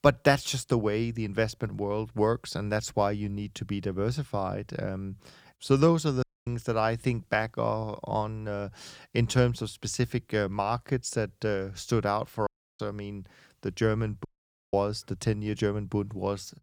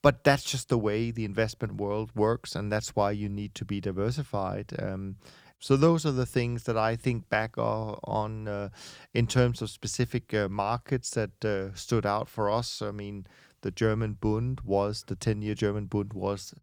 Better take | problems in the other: second | audio cutting out; at 6 s, at 12 s and at 14 s

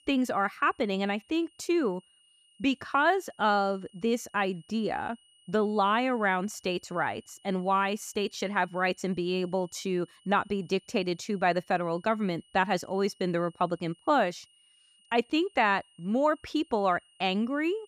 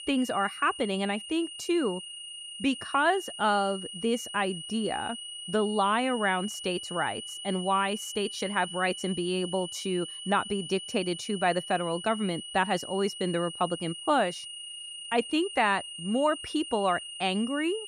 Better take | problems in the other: first | high-pitched whine; loud; throughout; 3 kHz, 9 dB below the speech; faint in the first

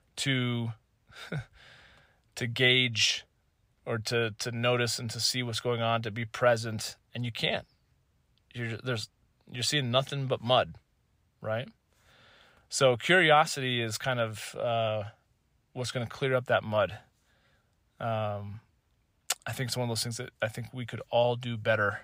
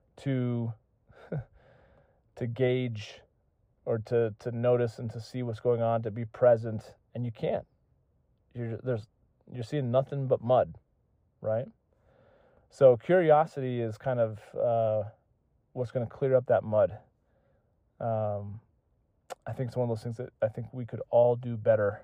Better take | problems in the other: first | muffled; very; fading above 1.5 kHz

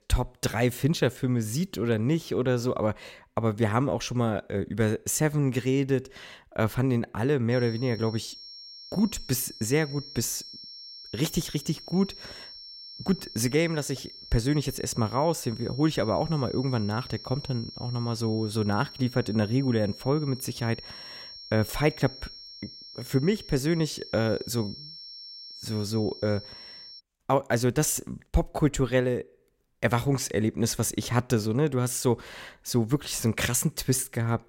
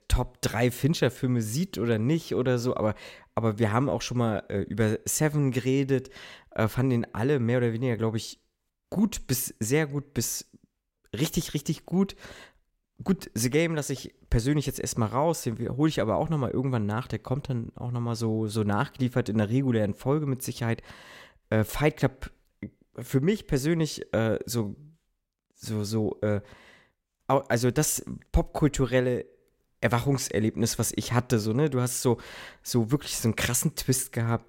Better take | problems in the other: second | high-pitched whine; noticeable; from 7.5 to 27 s; 5.5 kHz, 15 dB below the speech

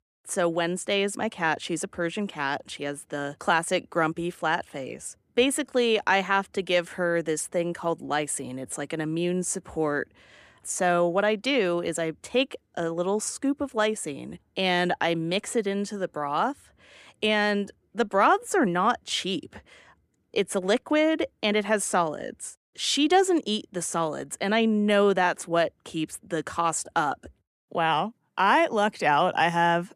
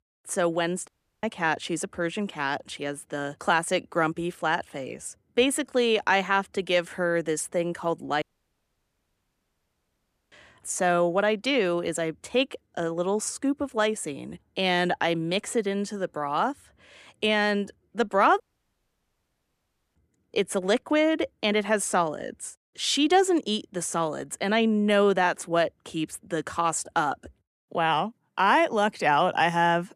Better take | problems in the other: first | audio cutting out; at 1 s, at 8 s for 2 s and at 18 s for 1.5 s

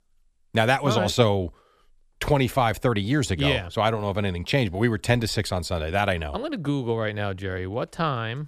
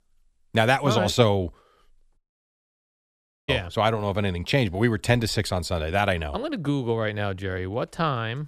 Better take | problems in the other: first | audio cutting out; at 2 s for 1.5 s

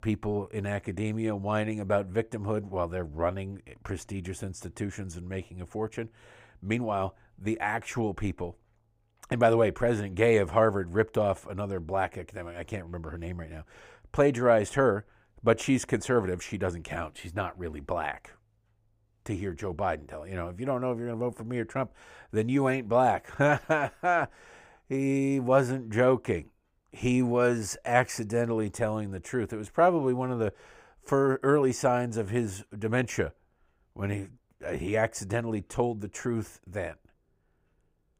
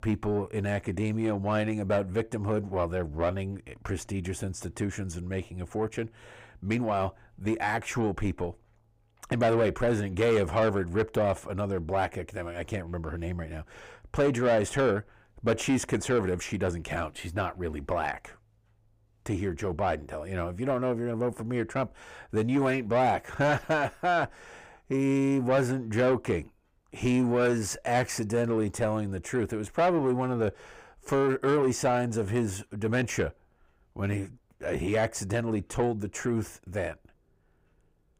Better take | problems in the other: first | distortion; slight; 10 dB below the speech

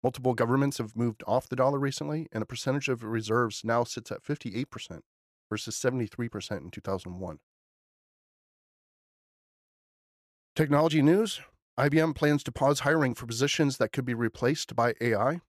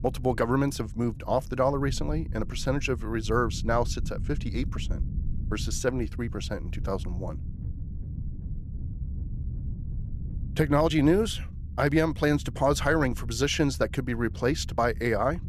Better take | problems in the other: first | low rumble; faint; throughout; 20 dB below the speech

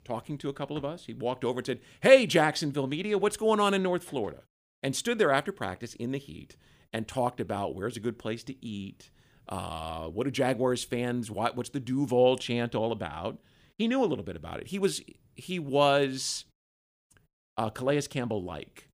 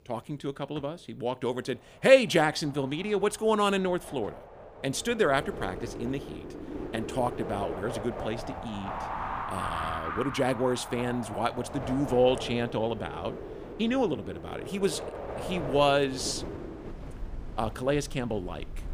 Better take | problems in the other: first | wind in the background; loud; throughout; 10 dB below the speech

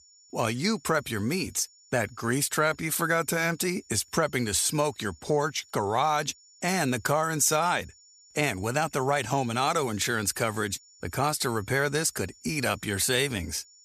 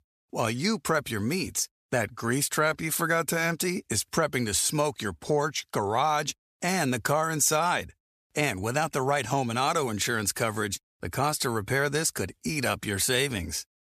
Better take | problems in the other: second | high-pitched whine; faint; throughout; 7 kHz, 25 dB below the speech

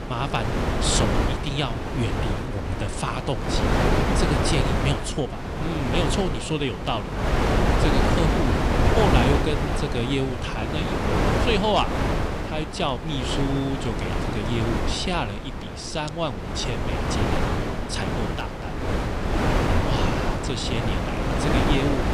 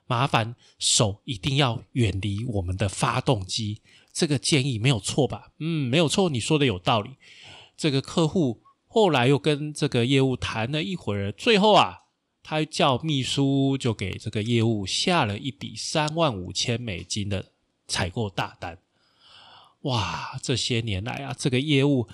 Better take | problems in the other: second | wind noise on the microphone; heavy; 2 dB above the speech

